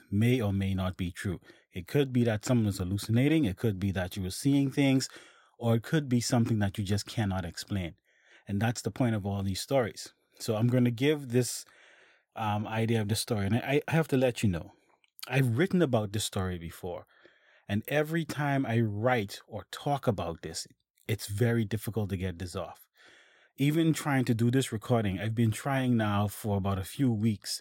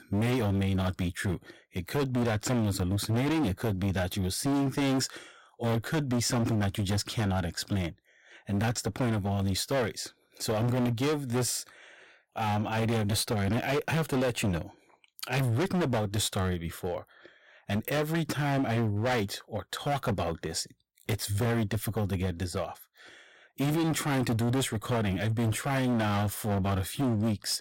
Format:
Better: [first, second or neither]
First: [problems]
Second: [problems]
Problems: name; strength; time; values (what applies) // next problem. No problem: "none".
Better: first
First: none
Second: distortion; heavy; 22% of the sound clipped